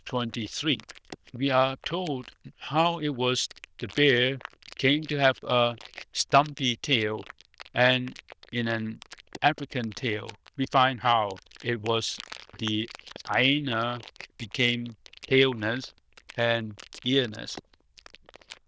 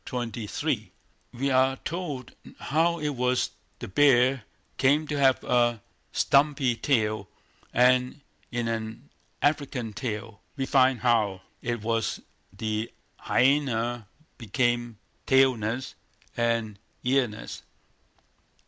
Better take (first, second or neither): second